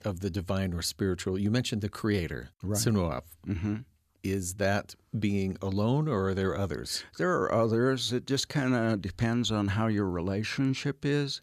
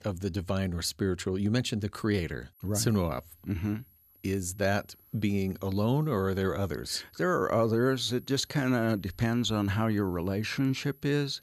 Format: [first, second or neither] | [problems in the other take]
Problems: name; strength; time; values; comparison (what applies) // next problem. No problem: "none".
first | high-pitched whine; faint; from 2.5 s on; 11.5 kHz, 25 dB below the speech